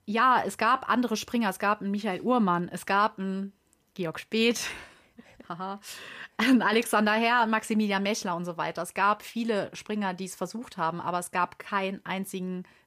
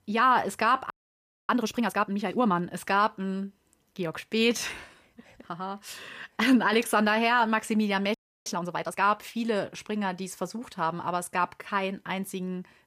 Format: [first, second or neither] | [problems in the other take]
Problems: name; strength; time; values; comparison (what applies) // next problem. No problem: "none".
first | audio freezing; at 1 s for 0.5 s and at 8 s